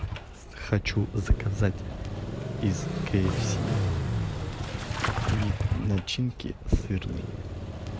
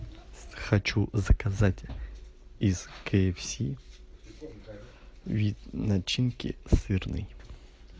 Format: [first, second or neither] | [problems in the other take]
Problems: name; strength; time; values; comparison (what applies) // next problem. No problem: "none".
second | background sound (Engine starting / Motorcycle); 1 dB below the speech